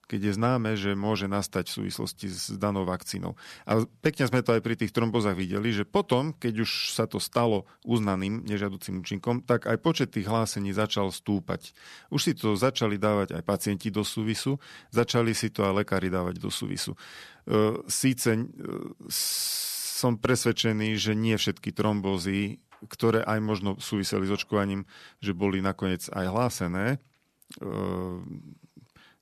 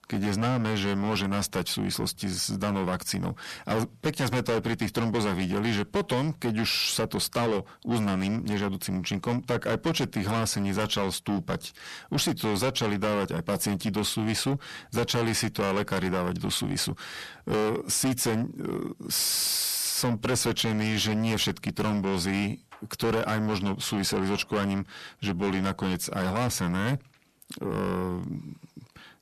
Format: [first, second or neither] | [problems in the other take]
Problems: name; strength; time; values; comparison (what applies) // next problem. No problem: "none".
first | distortion; heavy; 5 dB below the speech